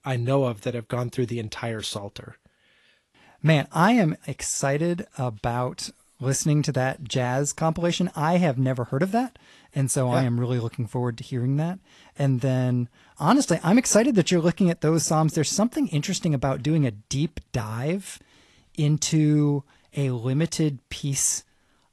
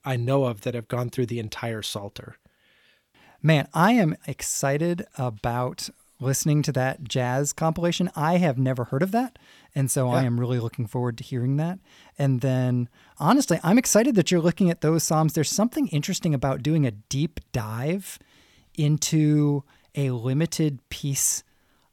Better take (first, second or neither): second